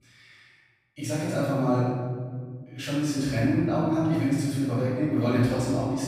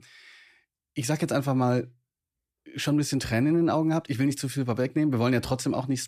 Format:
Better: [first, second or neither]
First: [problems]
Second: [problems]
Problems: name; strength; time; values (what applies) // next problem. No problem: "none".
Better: second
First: off-mic speech; far // room echo; strong; dies away in 1.7 s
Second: none